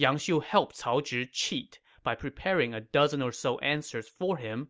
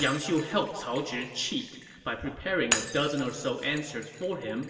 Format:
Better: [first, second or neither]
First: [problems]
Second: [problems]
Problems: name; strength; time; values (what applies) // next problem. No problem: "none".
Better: first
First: none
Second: background sound (Shatter); 8 dB below the speech // room echo; dies away in 2.1 s